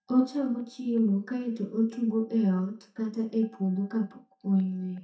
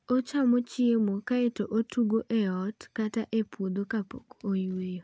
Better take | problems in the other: second | noise reduction (neural mask model DeepFilterNet 3)

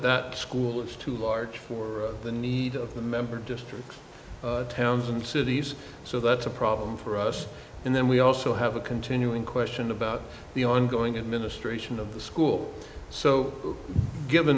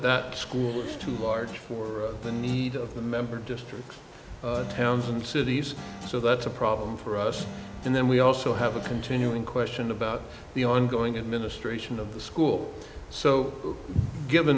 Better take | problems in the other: first | background sound (Guitar + Breathing); 16 dB below the speech

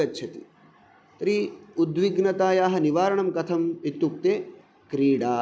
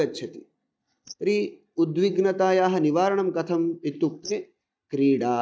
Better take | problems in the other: first | noise reduction (neural mask model DeepFilterNet 3)

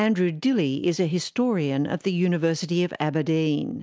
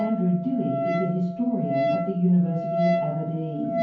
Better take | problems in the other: first | background sound (Wind instrument, woodwind instrument); 3 dB below the speech // room echo; dies away in 0.9 s

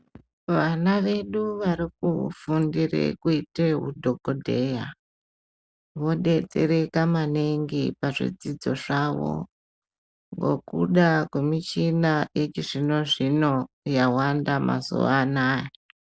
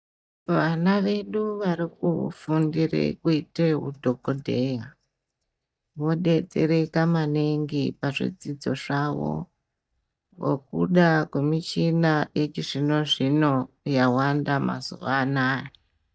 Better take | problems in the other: first | noise reduction (neural mask model DeepFilterNet 3)

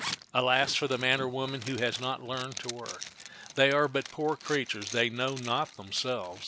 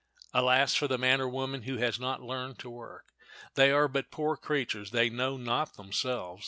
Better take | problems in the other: second | background sound (Zipper (clothing)); 13 dB below the speech

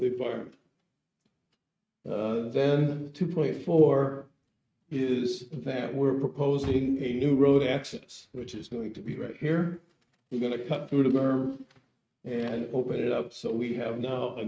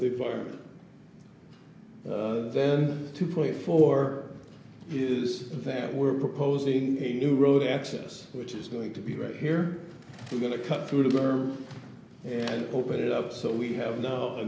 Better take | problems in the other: second | noise reduction (neural mask model RNNoise)

